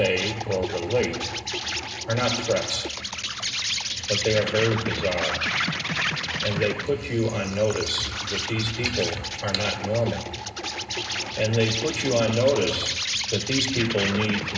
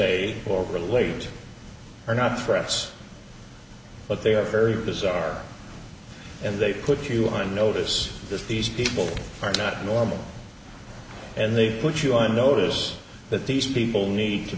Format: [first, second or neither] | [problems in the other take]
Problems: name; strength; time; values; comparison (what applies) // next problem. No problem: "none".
second | background sound (Insect); 3 dB below the speech // room echo; dies away in 0.2 s